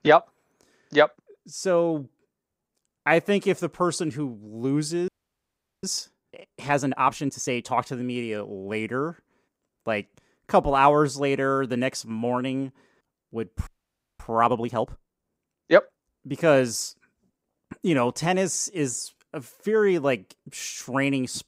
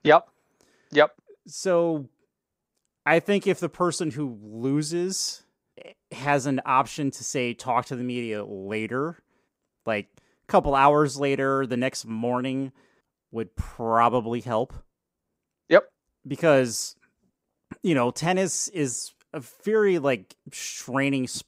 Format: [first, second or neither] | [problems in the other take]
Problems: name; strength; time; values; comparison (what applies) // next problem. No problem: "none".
second | audio freezing; at 5 s for 1 s and at 14 s for 0.5 s